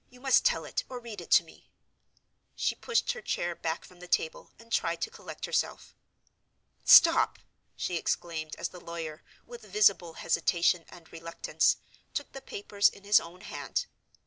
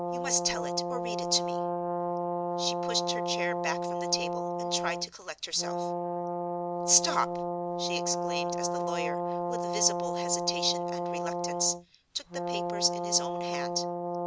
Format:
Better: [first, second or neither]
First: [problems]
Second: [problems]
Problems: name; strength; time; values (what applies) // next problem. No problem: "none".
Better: first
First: none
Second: background sound (Brass instrument); 2 dB above the speech